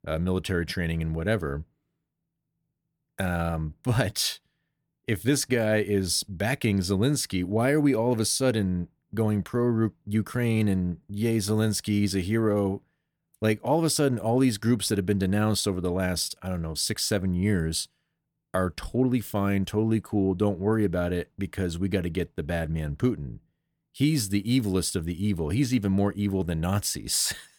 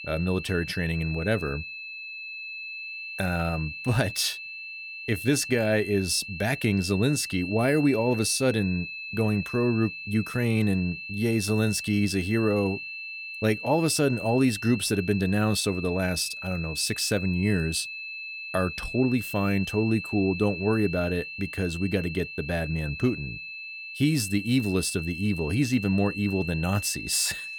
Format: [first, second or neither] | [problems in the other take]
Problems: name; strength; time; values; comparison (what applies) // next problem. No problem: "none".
first | high-pitched whine; loud; throughout; 2.5 kHz, 9 dB below the speech